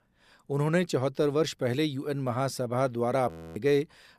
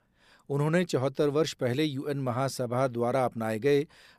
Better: second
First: audio freezing; at 3.5 s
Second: none

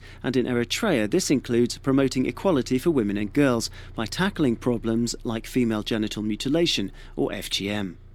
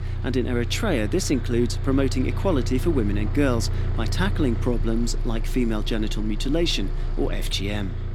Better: first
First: traffic noise; faint; throughout; 25 dB below the speech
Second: traffic noise; loud; throughout; 4 dB below the speech

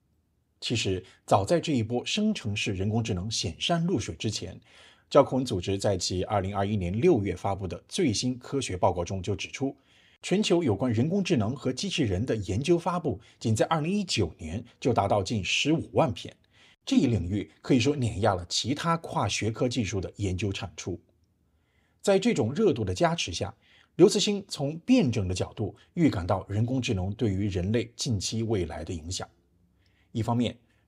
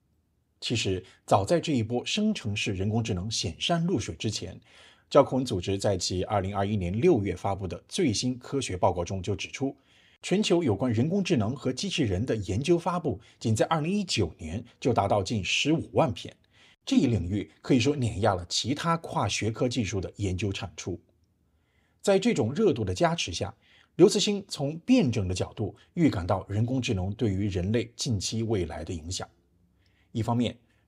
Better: neither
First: none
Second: none

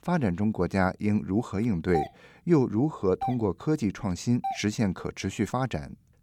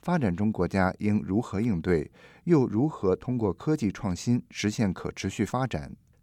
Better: second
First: doorbell; noticeable; from 2 to 4.5 s; peak 7 dB below the speech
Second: none

